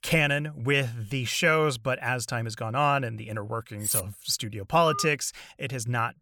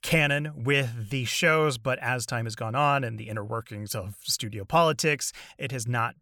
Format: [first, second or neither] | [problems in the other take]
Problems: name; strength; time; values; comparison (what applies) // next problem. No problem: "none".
second | clattering dishes; noticeable; at 4 s; peak level with the speech // phone ringing; noticeable; at 5 s; peak 7 dB below the speech